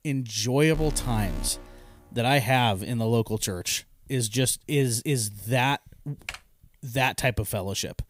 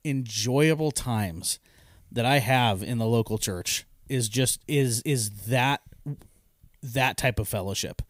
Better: second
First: alarm; noticeable; from 0.5 to 2 s; peak 10 dB below the speech // keyboard typing; faint; at 6.5 s; peak 15 dB below the speech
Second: none

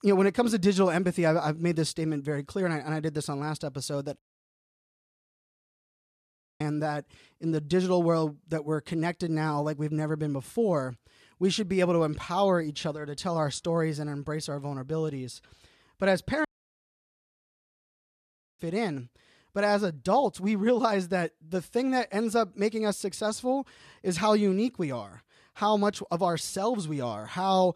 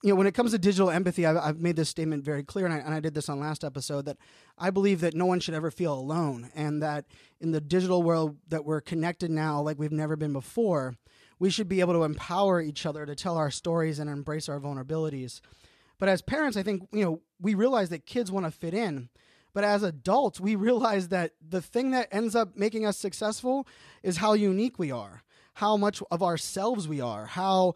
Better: second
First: audio cutting out; at 4 s for 2.5 s and at 16 s for 2 s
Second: none

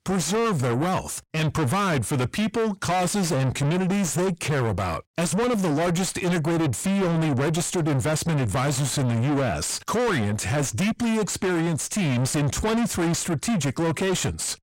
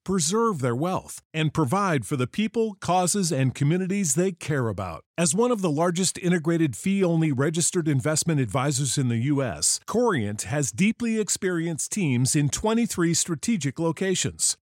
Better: second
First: distortion; heavy; 6 dB below the speech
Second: none

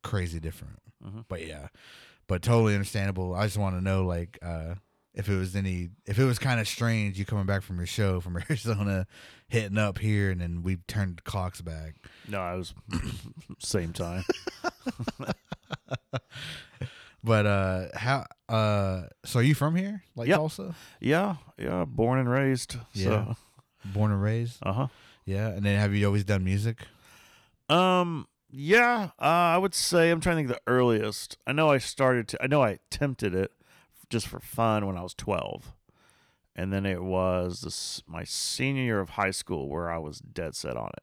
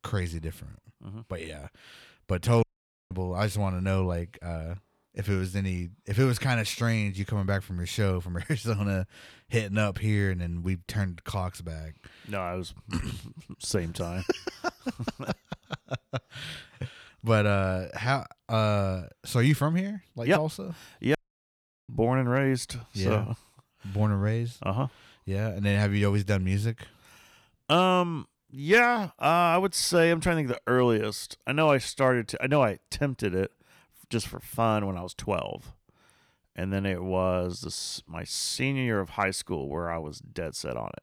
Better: first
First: none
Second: audio cutting out; at 2.5 s and at 21 s for 0.5 s

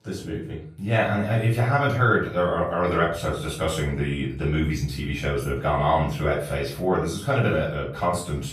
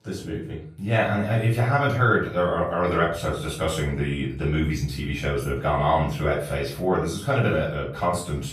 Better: neither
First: off-mic speech; far // room echo; noticeable; dies away in 0.4 s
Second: off-mic speech; far // room echo; noticeable; dies away in 0.4 s

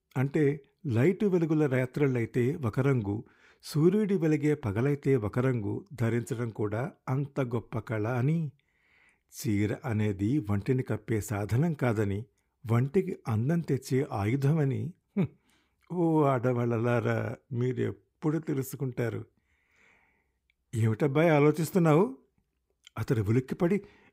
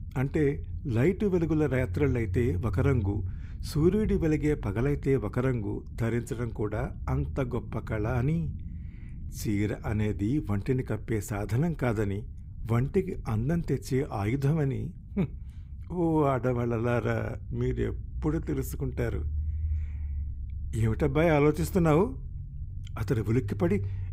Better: first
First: none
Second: low rumble; faint; throughout; 20 dB below the speech

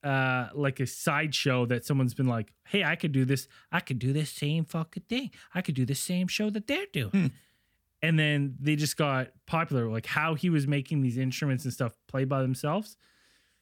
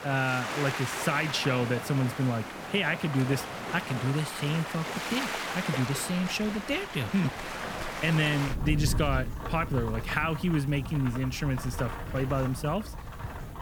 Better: first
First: none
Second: rain or running water; loud; throughout; 6 dB below the speech

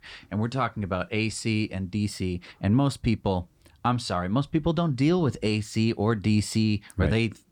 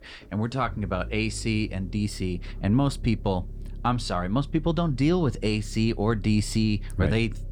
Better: first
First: none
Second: low rumble; faint; throughout; 25 dB below the speech

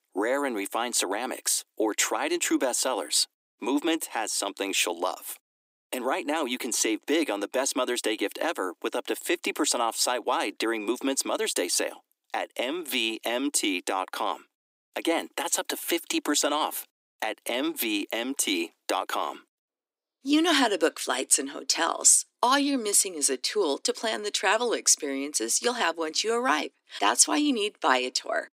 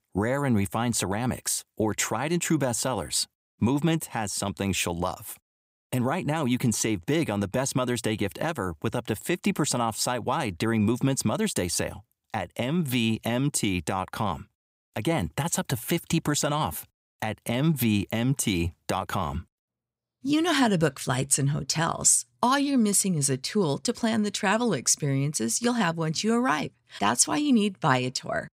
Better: second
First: thin; somewhat; fading below 300 Hz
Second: none

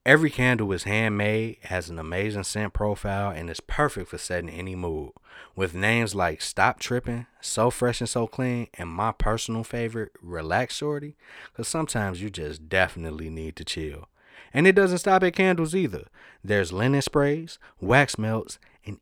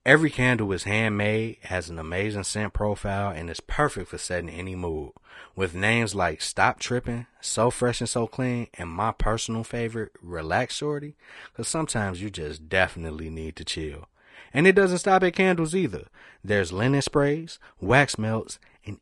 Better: first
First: none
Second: garbled, watery; slightly

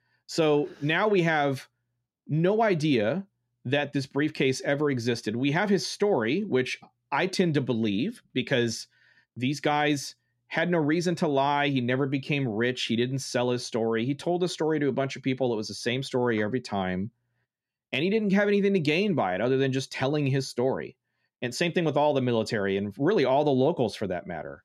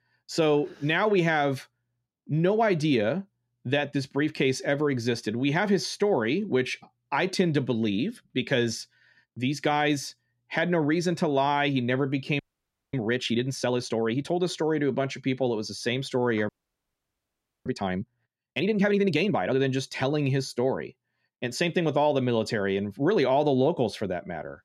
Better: first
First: none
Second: audio freezing; at 12 s for 0.5 s and at 16 s for 1 s

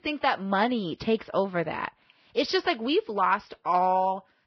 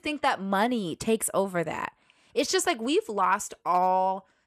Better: second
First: garbled, watery; badly; nothing above 5.5 kHz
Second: none

